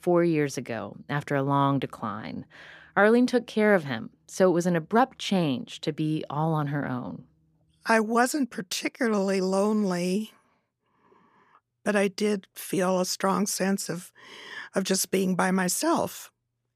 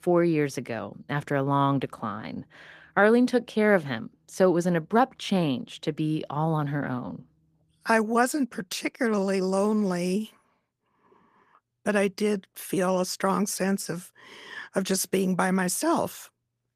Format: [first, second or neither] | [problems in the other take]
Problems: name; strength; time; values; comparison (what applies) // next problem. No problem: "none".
first | garbled, watery; slightly; nothing above 14.5 kHz